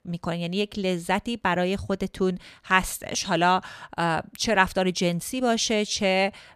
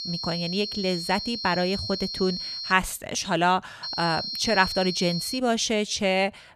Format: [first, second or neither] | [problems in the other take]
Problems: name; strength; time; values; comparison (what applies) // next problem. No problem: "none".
first | high-pitched whine; loud; until 2.5 s and from 4 to 5.5 s; 4 kHz, 5 dB below the speech